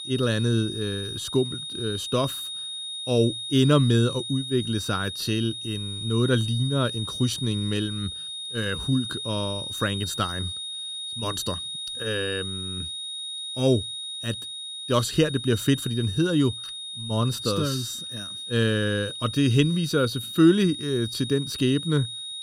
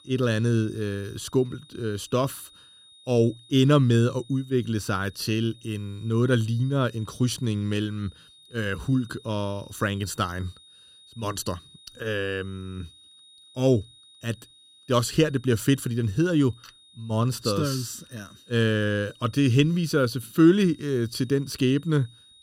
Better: second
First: high-pitched whine; loud; throughout; 3.5 kHz, 6 dB below the speech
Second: high-pitched whine; faint; throughout; 3.5 kHz, 25 dB below the speech

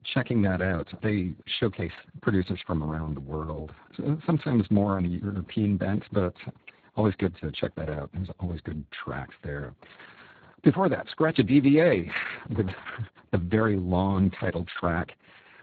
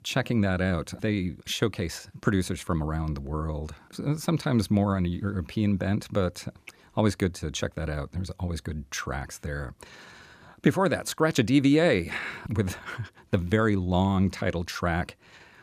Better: second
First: garbled, watery; badly; nothing above 4 kHz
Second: none

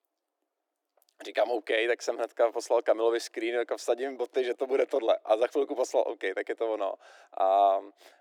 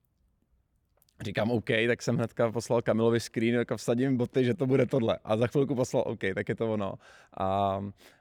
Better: second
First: thin; very; fading below 300 Hz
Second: none

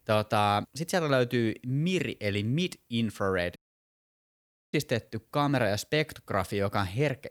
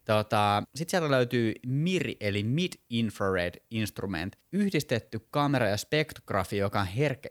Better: second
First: audio cutting out; at 3.5 s for 1 s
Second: none

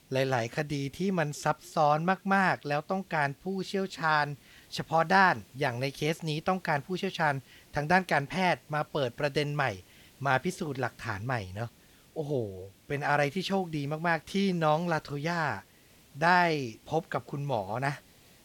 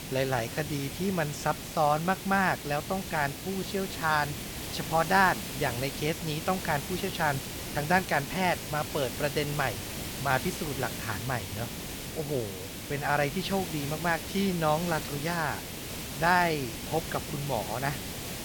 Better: first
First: hiss; faint; throughout; 30 dB below the speech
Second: hiss; loud; throughout; 7 dB below the speech

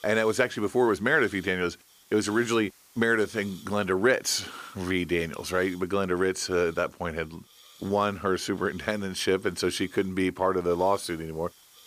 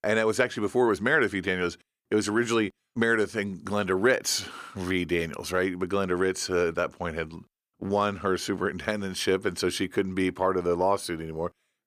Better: second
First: hiss; faint; throughout; 25 dB below the speech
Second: none

